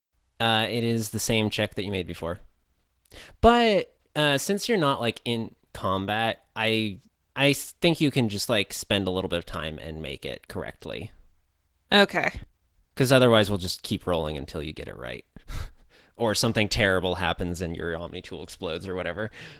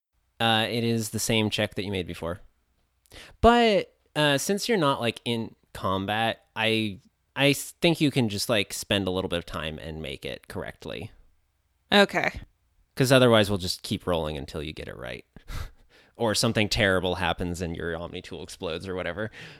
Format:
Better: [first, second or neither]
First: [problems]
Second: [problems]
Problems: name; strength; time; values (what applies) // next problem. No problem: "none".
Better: second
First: garbled, watery; slightly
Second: none